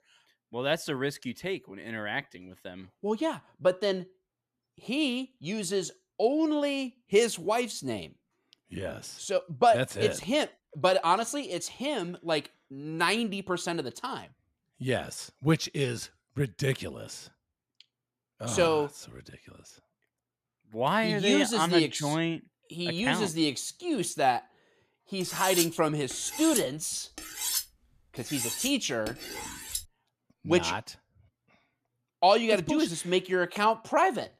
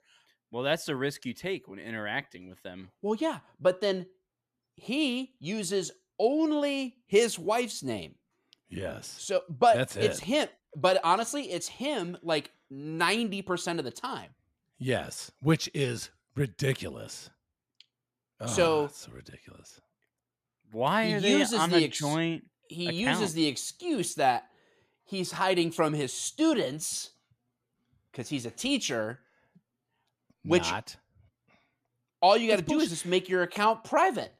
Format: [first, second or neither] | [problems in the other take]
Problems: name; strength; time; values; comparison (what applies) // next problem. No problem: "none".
second | clattering dishes; loud; from 25 to 30 s; peak level with the speech